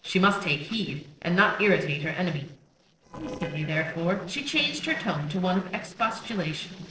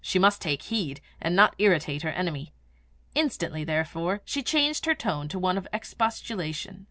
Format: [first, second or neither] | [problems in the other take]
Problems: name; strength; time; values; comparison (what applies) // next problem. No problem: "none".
second | noise reduction (neural separator model SepFormer DNS4)